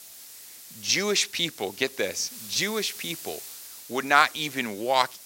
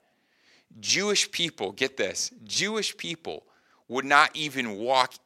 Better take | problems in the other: second | hiss; noticeable; throughout; 15 dB below the speech

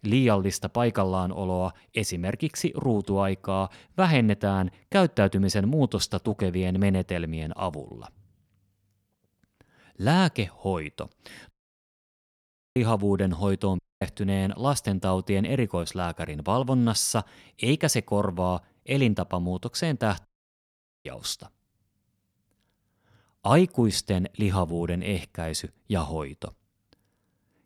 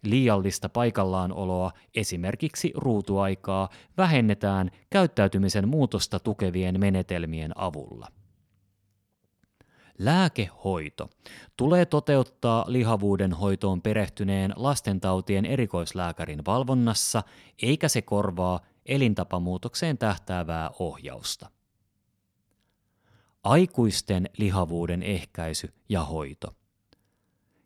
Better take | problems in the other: second | audio cutting out; at 12 s for 1.5 s, at 14 s and at 20 s for 1 s

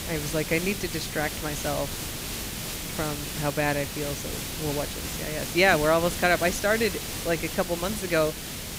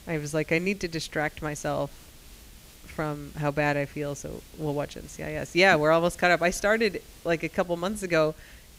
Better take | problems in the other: second | hiss; loud; throughout; 5 dB below the speech; faint in the second

